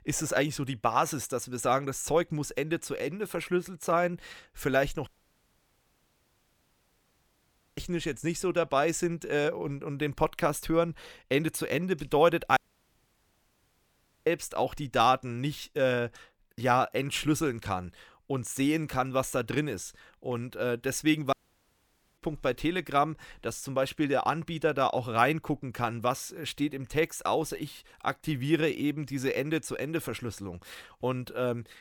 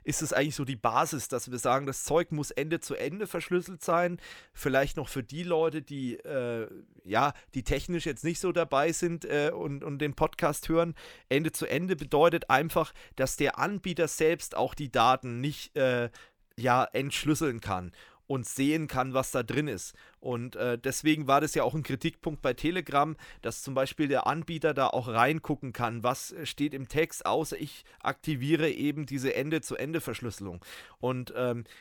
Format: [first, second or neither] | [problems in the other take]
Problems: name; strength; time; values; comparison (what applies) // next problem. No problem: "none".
second | audio cutting out; at 5 s for 2.5 s, at 13 s for 1.5 s and at 21 s for 1 s